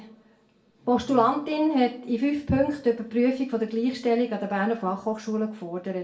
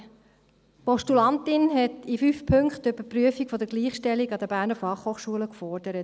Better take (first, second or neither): second